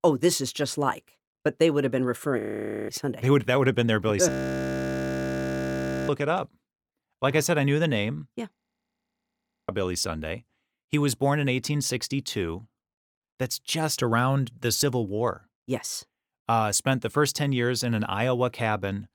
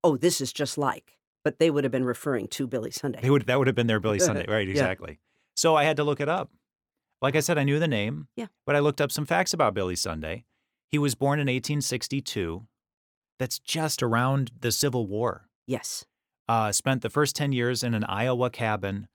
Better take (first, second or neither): second